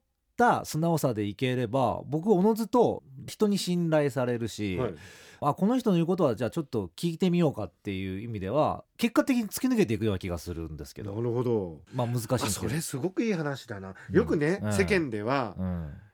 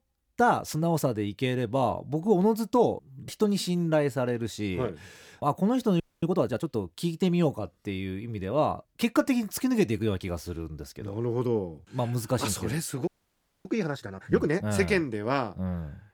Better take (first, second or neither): first